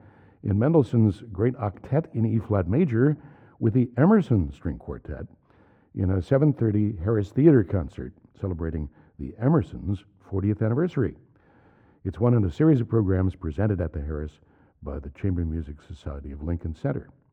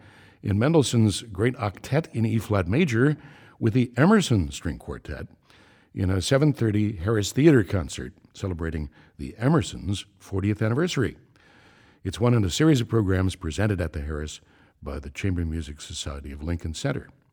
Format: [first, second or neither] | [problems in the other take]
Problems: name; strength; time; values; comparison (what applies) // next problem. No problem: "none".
second | muffled; very; fading above 2.5 kHz